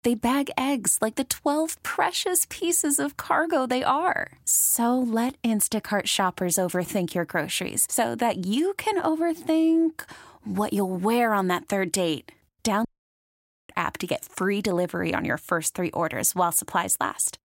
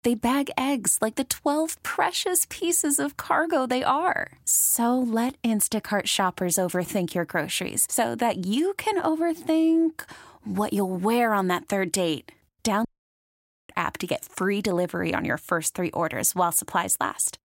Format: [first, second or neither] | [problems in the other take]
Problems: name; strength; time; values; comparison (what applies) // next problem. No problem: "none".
neither | audio cutting out; at 13 s for 1 s; the same in both